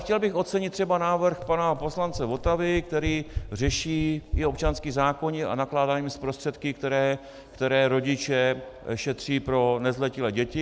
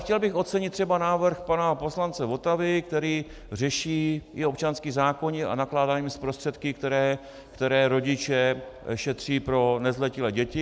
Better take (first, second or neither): second